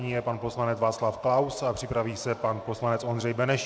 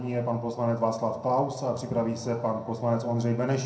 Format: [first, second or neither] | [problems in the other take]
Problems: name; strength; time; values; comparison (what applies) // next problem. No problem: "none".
first | room echo; dies away in 0.5 s